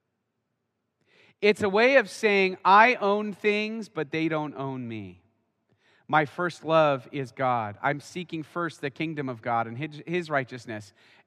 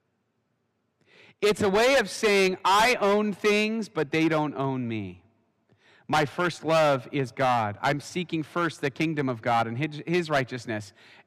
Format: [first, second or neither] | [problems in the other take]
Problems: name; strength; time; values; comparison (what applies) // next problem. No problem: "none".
first | distortion; heavy; 8% of the sound clipped